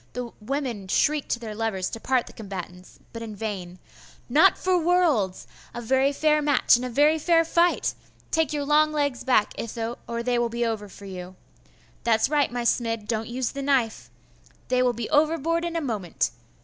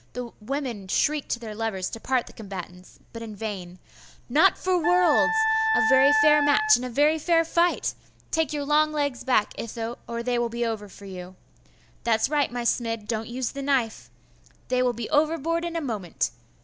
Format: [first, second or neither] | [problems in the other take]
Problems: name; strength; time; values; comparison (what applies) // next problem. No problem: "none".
first | background sound (Wind instrument, woodwind instrument); 2 dB above the speech